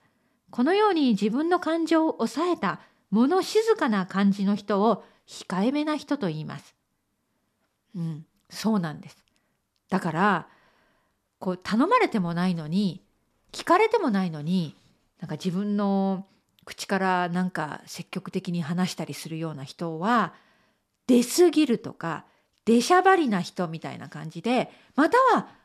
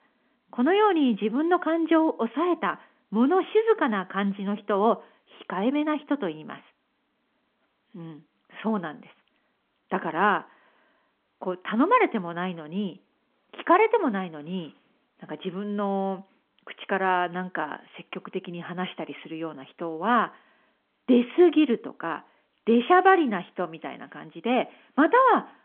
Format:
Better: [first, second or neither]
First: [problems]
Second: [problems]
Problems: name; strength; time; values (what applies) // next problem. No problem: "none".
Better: first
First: none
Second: phone-call audio; nothing above 3.5 kHz